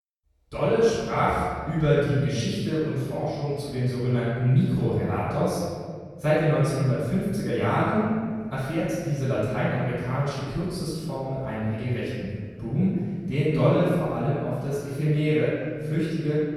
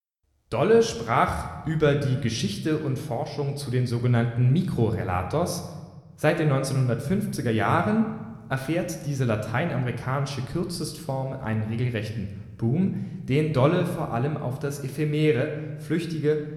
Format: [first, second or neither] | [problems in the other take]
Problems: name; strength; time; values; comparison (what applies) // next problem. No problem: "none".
second | room echo; strong; dies away in 1.7 s; slight in the second // off-mic speech; far